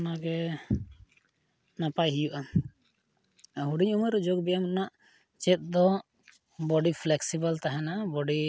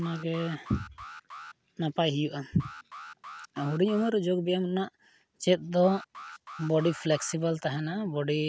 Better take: first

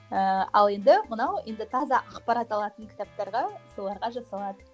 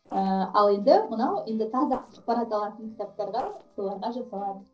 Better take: first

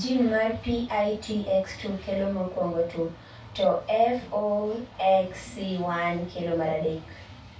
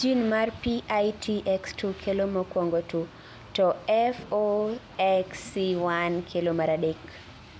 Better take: second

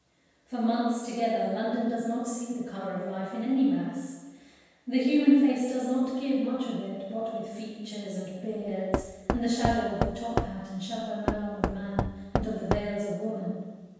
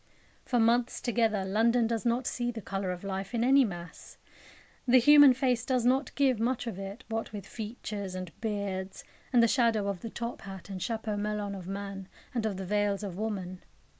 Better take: second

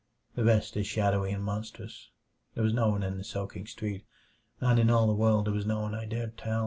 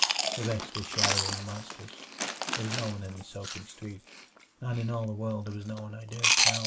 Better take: first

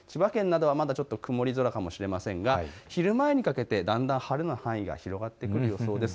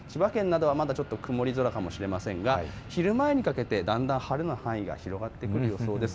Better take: first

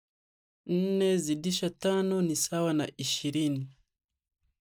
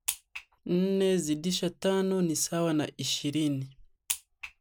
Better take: second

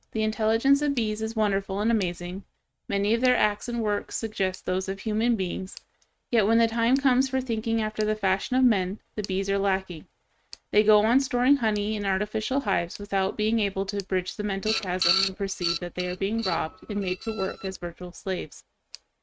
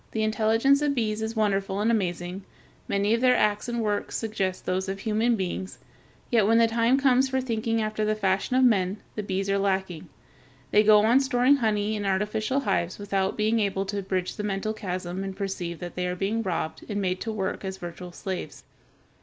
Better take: second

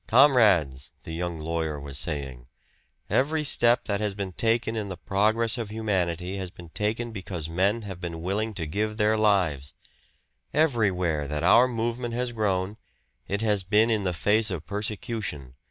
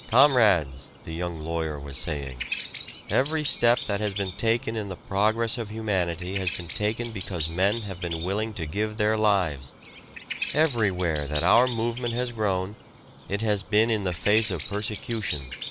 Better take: first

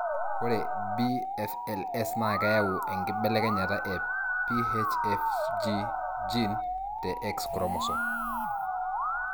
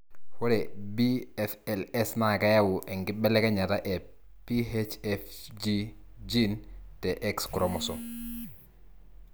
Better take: second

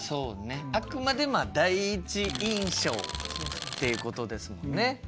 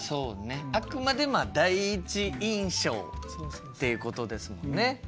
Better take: second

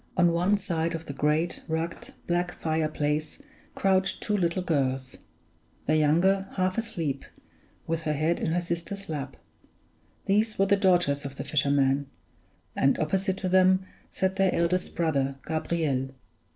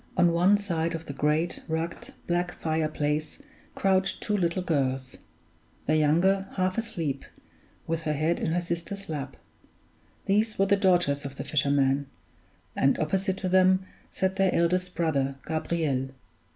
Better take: second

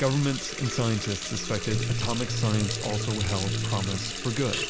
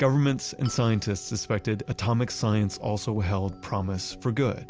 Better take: second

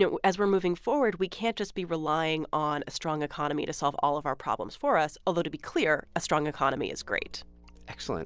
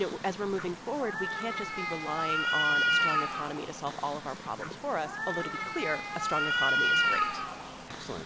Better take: first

